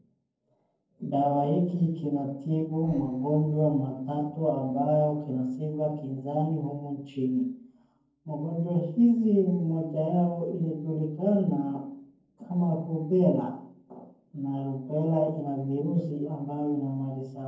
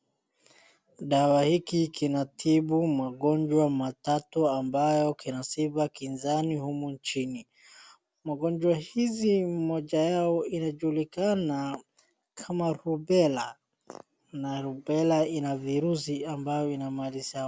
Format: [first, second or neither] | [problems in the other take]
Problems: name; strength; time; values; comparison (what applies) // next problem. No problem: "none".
second | noise reduction (neural separator model SepFormer DNS4)